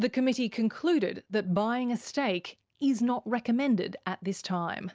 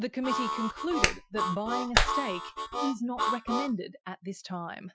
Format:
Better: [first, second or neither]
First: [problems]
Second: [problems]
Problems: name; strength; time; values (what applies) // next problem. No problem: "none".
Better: first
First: none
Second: noise reduction (classical method Wiener filter)